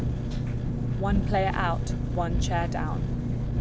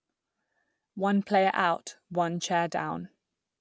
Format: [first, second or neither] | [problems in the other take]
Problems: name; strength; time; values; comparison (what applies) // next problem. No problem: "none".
second | background sound (Engine); 5 dB above the speech